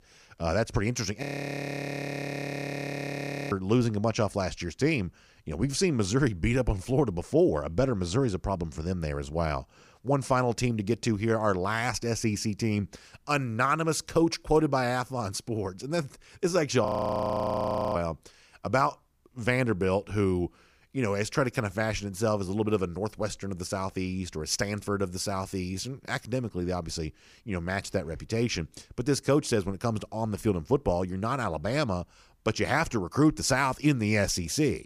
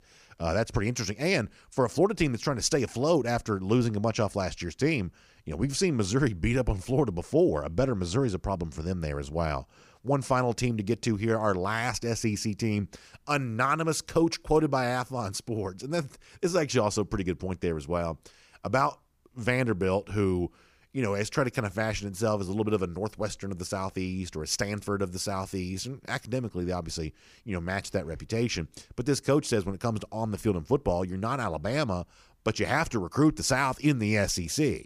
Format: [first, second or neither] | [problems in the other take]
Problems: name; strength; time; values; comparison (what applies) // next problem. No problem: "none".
second | audio freezing; at 1 s for 2.5 s and at 17 s for 1 s